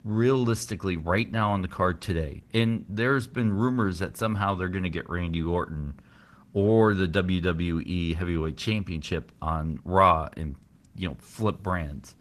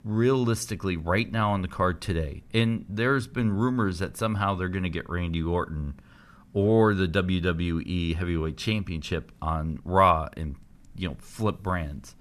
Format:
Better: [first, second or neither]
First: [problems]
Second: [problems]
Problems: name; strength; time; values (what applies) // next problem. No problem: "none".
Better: second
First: garbled, watery; slightly; nothing above 12 kHz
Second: none